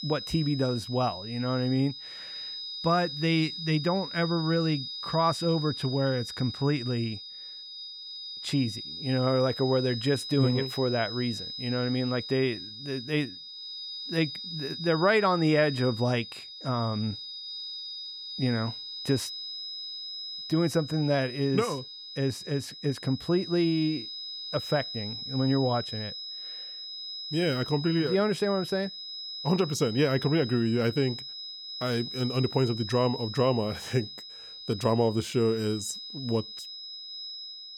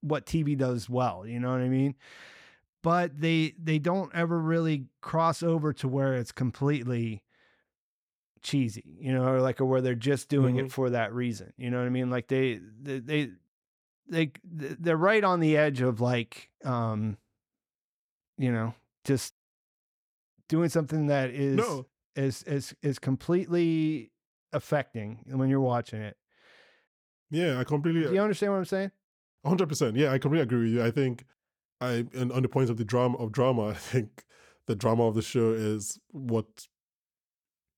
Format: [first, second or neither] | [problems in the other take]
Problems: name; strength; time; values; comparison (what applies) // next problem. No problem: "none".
second | high-pitched whine; loud; throughout; 5 kHz, 8 dB below the speech